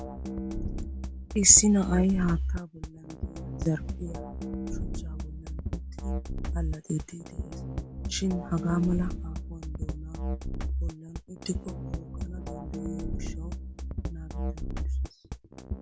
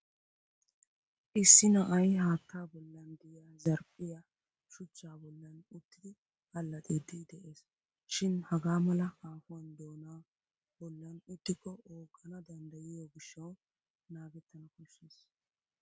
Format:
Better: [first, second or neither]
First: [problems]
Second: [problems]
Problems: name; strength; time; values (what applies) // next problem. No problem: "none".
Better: second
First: background sound (Drum kit); 3 dB below the speech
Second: none